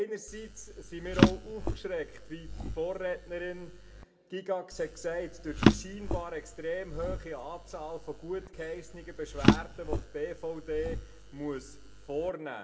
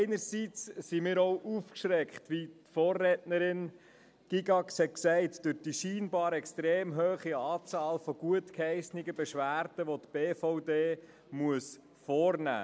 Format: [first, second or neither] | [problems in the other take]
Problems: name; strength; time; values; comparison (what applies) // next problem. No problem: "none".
second | background sound (Drawer open or close); 5 dB above the speech // room echo; dies away in 1 s